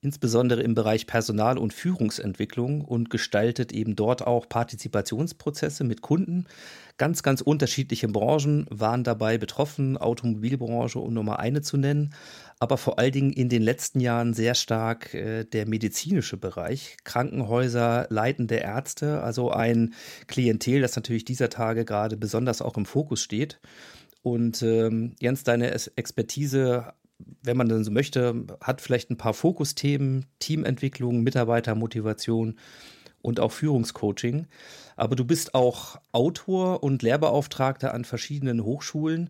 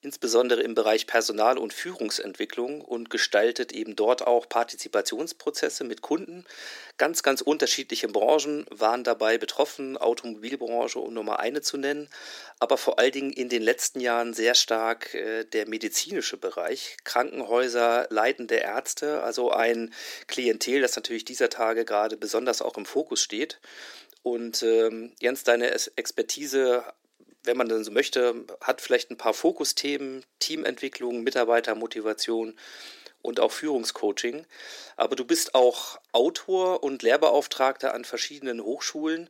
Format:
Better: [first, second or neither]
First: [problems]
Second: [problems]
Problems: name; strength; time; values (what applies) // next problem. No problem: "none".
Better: first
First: none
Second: thin; very; fading below 300 Hz